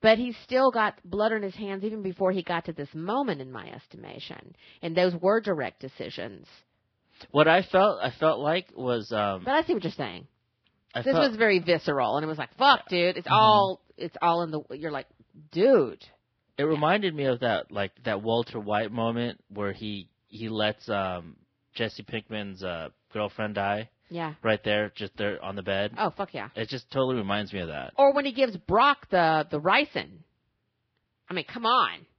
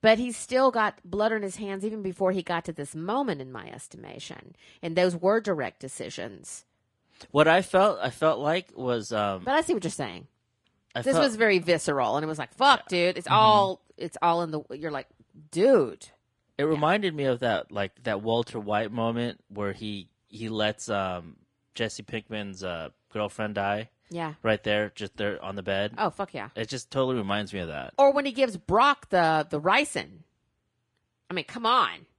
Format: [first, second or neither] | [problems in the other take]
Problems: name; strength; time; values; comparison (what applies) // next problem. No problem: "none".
second | garbled, watery; badly; nothing above 5 kHz; slightly in the second